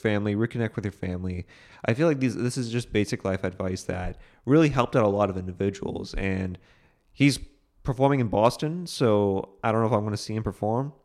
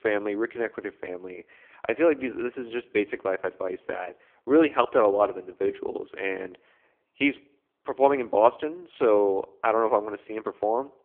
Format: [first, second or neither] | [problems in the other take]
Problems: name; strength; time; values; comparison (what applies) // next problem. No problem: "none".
first | phone-call audio; poor line